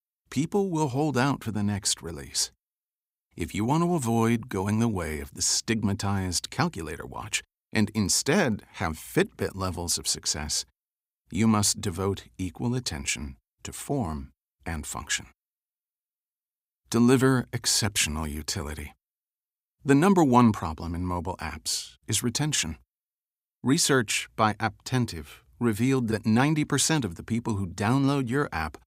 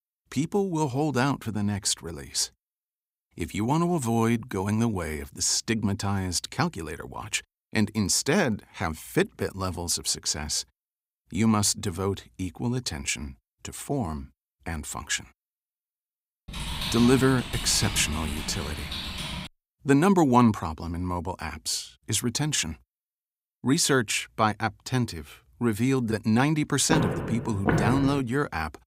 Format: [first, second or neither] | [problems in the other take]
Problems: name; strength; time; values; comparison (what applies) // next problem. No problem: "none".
first | keyboard typing; noticeable; from 16 to 19 s; peak 3 dB below the speech // footsteps; loud; from 27 to 28 s; peak 1 dB above the speech